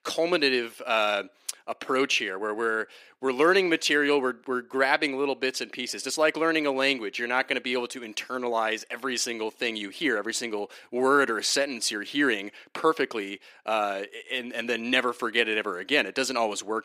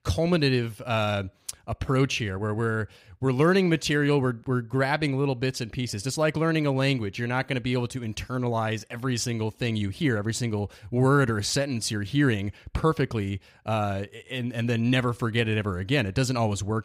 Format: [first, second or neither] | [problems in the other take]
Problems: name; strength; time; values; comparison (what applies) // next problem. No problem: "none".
second | thin; somewhat; fading below 300 Hz